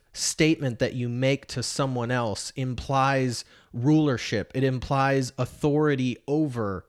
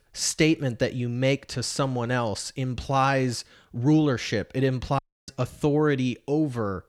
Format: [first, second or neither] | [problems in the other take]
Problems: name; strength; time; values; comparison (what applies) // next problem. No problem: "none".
first | audio cutting out; at 5 s